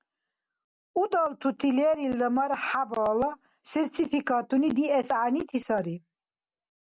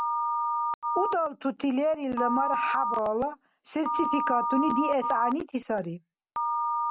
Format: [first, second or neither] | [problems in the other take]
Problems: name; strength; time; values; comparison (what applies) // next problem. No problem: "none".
first | background sound (Telephone); 1 dB below the speech